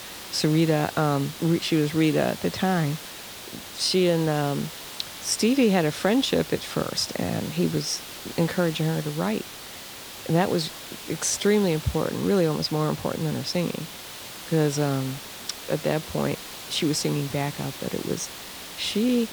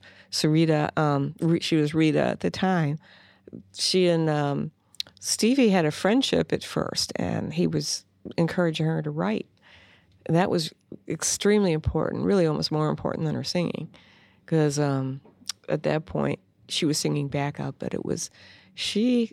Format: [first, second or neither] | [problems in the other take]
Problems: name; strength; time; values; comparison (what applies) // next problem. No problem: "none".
second | hiss; noticeable; throughout; 10 dB below the speech